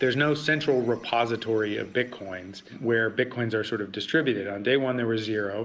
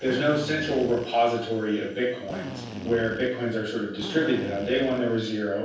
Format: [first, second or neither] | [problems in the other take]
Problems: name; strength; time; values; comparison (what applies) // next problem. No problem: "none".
first | background sound (Drill); 13 dB below the speech // room echo; dies away in 0.7 s